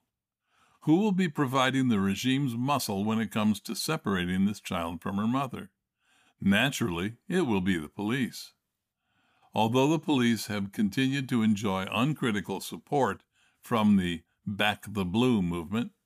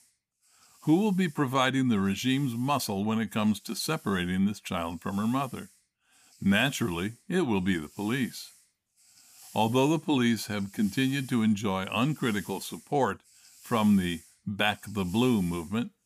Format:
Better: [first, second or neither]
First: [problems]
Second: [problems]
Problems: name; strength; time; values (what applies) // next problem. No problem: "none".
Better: first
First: none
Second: hiss; faint; throughout; 20 dB below the speech